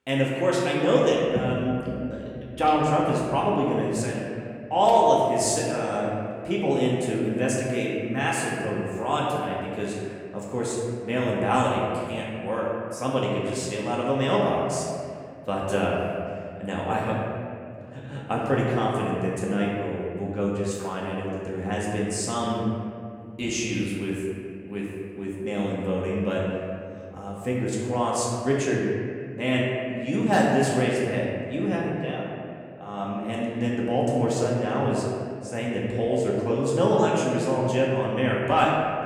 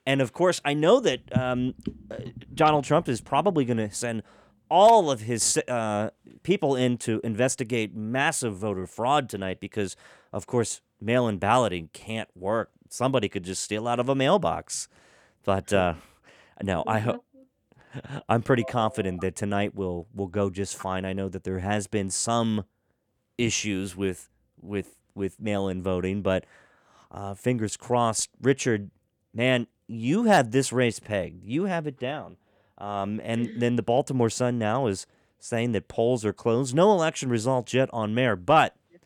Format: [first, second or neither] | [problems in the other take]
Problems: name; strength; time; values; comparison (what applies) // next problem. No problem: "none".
second | room echo; noticeable; dies away in 2.1 s // off-mic speech; far